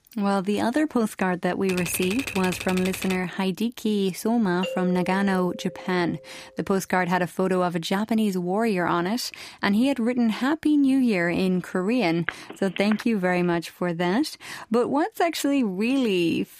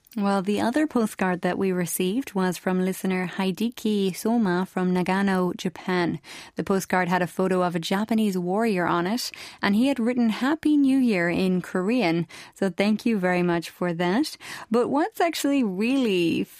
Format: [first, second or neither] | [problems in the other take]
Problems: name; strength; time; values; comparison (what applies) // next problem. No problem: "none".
second | keyboard typing; noticeable; from 1.5 to 3 s; peak 6 dB below the speech // doorbell; noticeable; from 4.5 to 6 s; peak 8 dB below the speech // phone ringing; noticeable; at 12 s; peak 9 dB below the speech